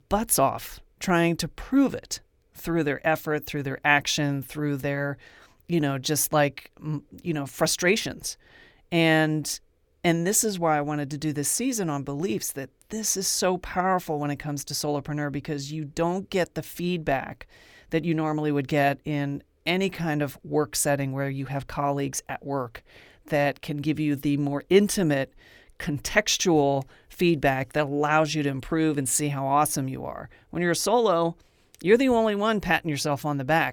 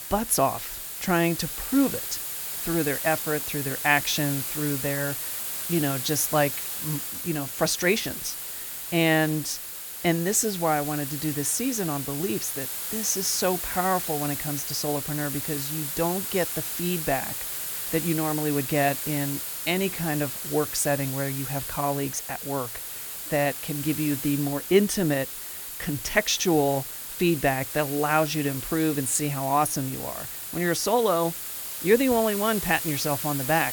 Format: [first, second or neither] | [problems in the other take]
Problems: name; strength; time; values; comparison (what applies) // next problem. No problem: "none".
first | hiss; loud; throughout; 4 dB below the speech